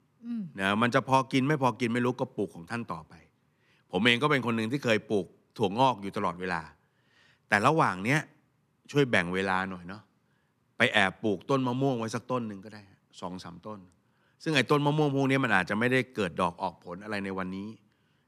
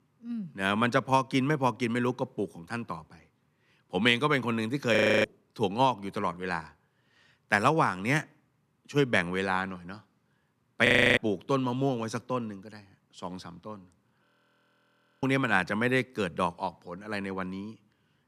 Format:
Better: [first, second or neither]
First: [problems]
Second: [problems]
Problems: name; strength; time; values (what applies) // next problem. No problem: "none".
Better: first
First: none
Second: audio freezing; at 5 s, at 11 s and at 14 s for 1 s